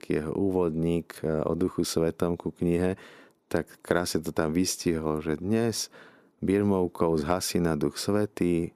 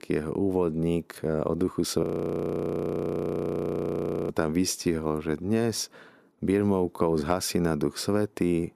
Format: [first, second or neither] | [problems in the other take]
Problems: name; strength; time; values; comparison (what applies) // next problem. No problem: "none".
first | audio freezing; at 2 s for 2.5 s